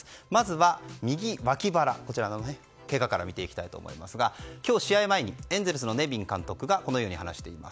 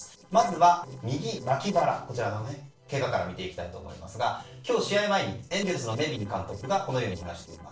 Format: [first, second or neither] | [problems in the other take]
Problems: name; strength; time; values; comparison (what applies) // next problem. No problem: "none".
first | noise reduction (neural separator model SepFormer DNS4)